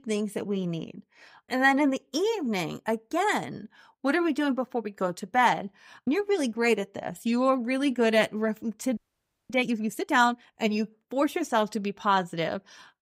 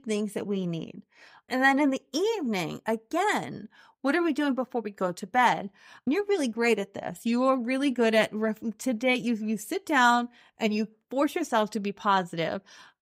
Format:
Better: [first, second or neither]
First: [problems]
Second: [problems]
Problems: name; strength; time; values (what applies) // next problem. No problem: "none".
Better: second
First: audio freezing; at 9 s for 0.5 s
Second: none